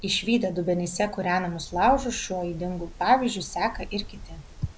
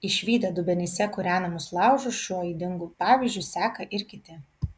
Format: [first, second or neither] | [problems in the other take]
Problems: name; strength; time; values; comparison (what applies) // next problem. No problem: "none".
second | background sound (Wind); 15 dB below the speech